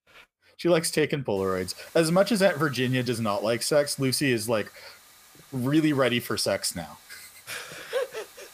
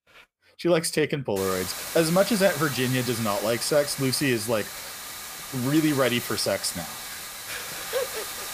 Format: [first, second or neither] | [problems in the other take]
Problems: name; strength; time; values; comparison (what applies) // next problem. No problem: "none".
first | hiss; loud; from 1.5 s on; 8 dB below the speech; faint in the first